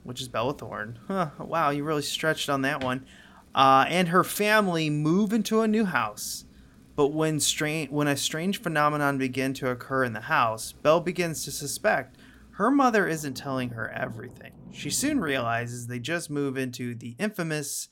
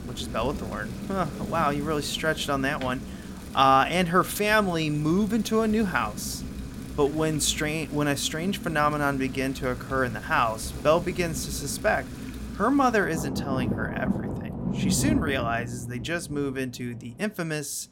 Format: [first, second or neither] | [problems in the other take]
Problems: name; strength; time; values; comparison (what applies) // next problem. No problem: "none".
first | rain or running water; loud; throughout; 9 dB below the speech; faint in the first